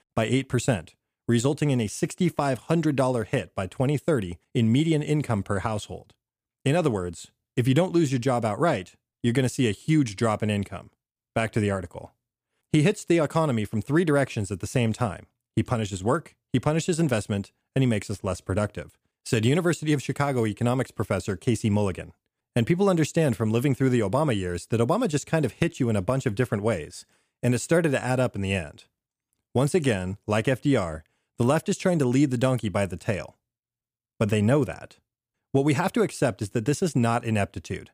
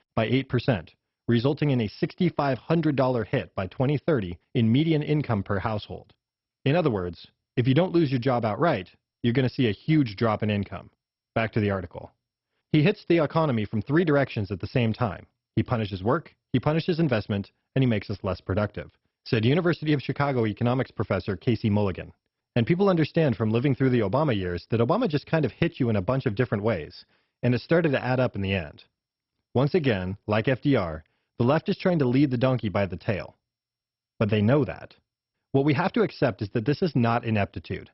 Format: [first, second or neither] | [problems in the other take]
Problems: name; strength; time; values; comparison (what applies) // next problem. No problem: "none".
first | garbled, watery; badly; nothing above 5.5 kHz